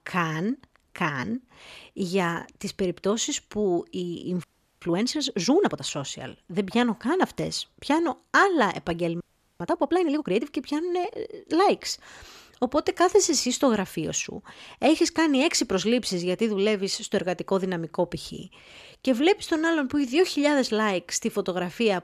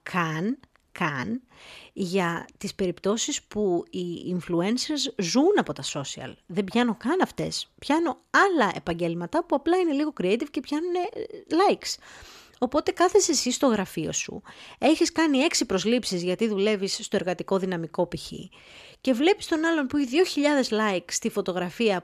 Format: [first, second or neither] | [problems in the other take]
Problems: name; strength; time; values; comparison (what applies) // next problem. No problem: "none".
second | audio freezing; at 4.5 s and at 9 s